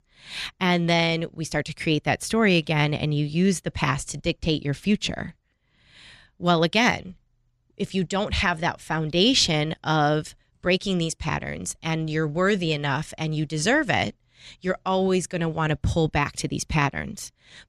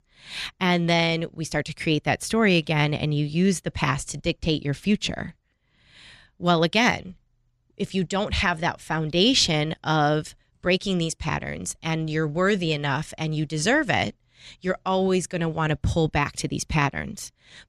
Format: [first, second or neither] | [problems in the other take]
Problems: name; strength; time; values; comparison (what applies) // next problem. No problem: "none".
neither | none